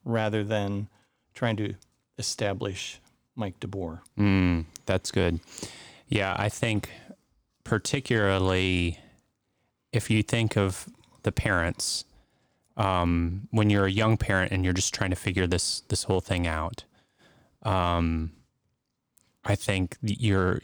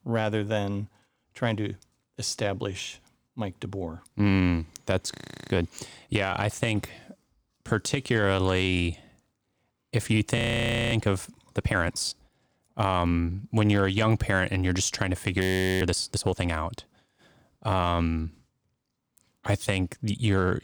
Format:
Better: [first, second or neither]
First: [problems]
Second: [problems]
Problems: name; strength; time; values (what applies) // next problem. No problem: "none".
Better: first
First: none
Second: audio freezing; at 5 s, at 10 s for 0.5 s and at 15 s